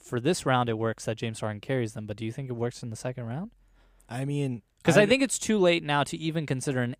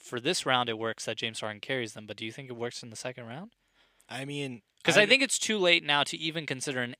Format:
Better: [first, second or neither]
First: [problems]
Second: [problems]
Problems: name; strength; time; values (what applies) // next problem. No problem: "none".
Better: first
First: none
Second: thin; very slightly; fading below 350 Hz